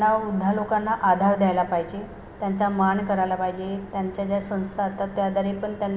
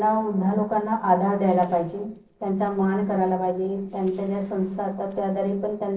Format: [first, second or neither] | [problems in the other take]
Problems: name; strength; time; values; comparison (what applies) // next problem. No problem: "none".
first | noise reduction (neural separator model SepFormer DNS4)